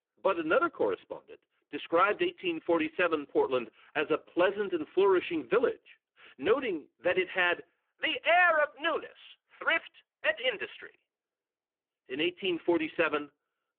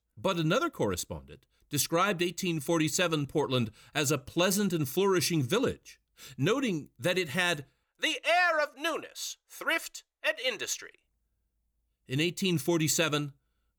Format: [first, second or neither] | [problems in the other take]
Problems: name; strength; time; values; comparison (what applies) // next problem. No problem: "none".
second | phone-call audio; poor line